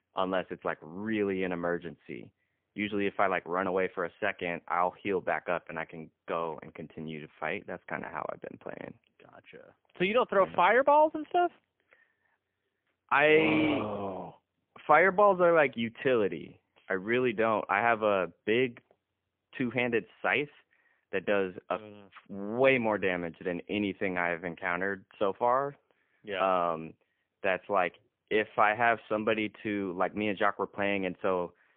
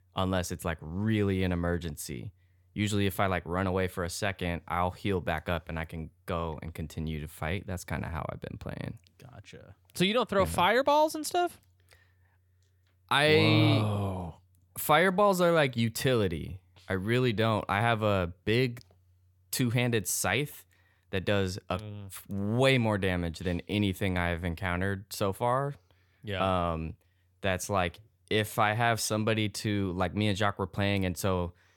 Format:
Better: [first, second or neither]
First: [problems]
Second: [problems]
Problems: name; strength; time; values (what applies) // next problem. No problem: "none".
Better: second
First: phone-call audio; poor line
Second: none